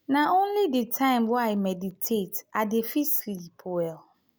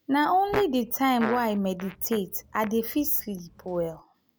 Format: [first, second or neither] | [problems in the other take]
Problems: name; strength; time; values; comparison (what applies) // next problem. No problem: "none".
first | background sound (Fart); 13 dB below the speech